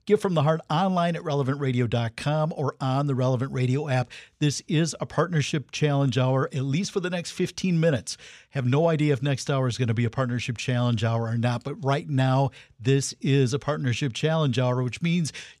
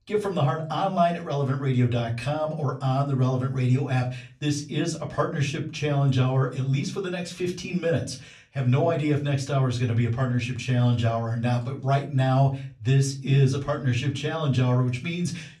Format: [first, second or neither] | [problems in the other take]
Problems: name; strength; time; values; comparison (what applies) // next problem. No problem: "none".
first | off-mic speech; far // room echo; very slight; dies away in 0.3 s